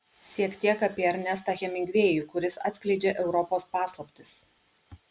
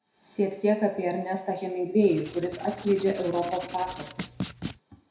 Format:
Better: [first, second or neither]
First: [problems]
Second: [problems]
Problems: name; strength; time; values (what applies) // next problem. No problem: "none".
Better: first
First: none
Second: background sound (Writing); 12 dB below the speech // room echo; dies away in 0.6 s